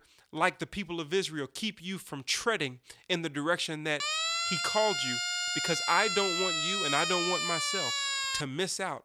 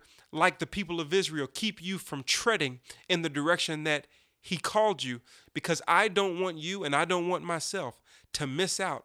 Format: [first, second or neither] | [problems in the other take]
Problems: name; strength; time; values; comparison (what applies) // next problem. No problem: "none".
second | siren; loud; from 4 to 8.5 s; peak 4 dB above the speech